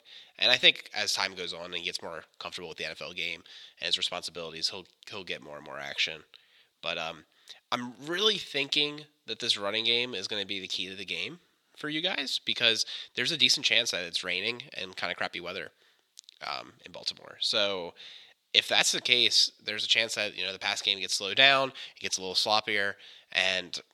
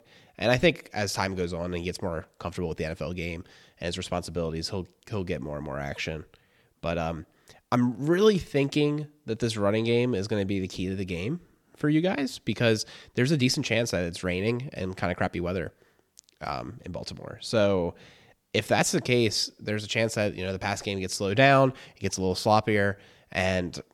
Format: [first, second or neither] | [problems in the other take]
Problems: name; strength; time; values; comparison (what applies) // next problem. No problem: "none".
second | thin; somewhat; fading below 850 Hz